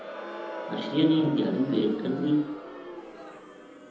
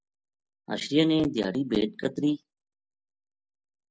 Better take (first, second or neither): second